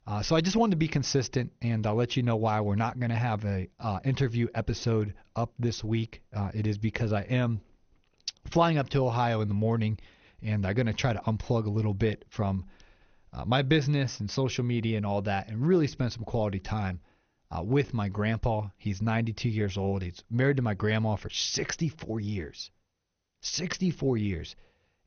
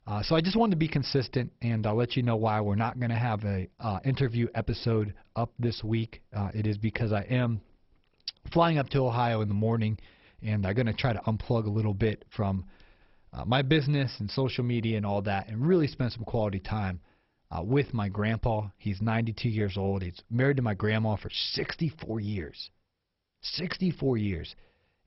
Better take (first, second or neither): first